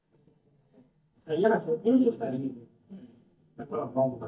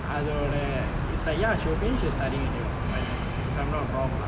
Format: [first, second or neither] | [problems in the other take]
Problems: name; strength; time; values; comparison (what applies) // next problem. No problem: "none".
second | noise reduction (neural mask model DeepFilterNet 3)